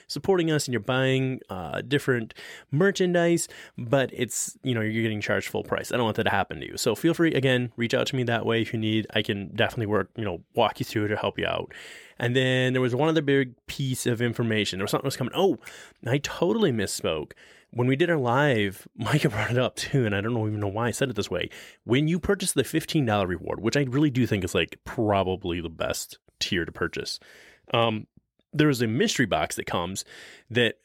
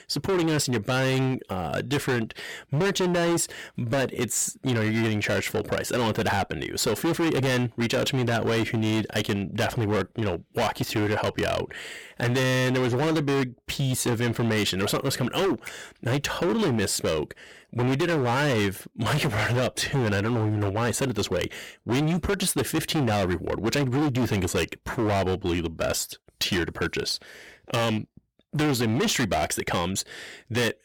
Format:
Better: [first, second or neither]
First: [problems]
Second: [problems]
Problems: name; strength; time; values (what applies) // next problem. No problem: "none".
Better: first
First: none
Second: distortion; heavy; 22% of the sound clipped